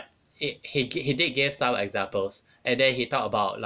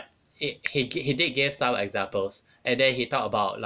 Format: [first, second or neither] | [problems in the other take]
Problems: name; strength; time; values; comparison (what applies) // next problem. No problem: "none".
first | background sound (Finger snapping); 18 dB below the speech